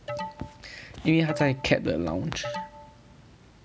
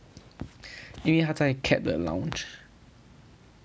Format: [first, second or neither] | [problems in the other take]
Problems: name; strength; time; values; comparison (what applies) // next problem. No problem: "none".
second | background sound (Alarm); 11 dB below the speech